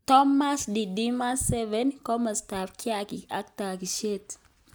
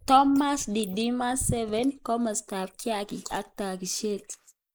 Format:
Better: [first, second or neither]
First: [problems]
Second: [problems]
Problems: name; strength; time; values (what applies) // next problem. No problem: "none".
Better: first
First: none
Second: noise reduction (neural mask model Resemble Enhance denoiser)